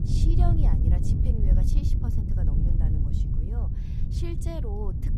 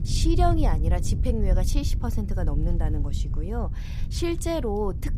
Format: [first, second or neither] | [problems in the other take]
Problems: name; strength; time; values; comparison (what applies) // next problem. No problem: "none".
second | wind noise on the microphone; heavy; 1 dB above the speech; occasional gusts in the second